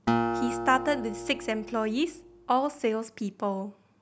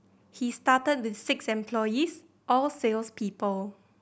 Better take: second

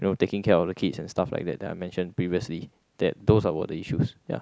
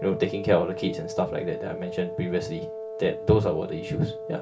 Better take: first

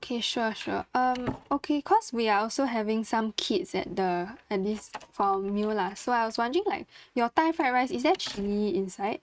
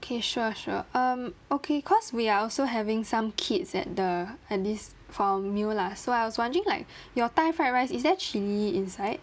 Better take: second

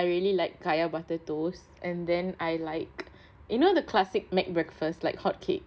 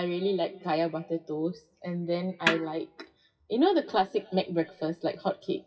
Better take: first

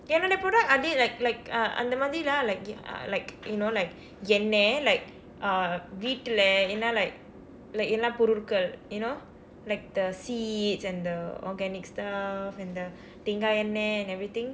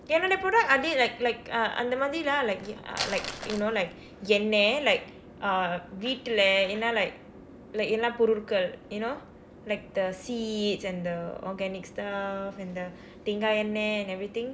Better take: first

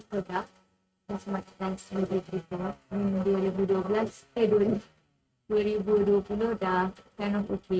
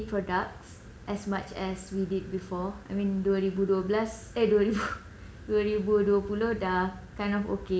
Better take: second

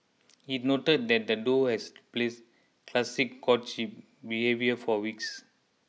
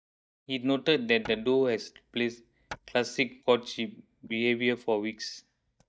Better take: first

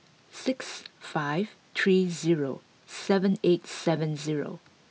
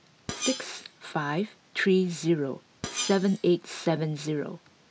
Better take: first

